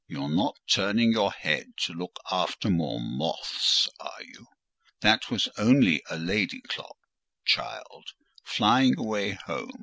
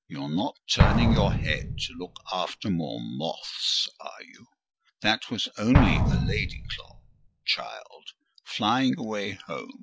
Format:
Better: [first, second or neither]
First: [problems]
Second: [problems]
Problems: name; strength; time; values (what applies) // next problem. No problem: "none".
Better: first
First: none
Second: noise reduction (classical method log-MMSE)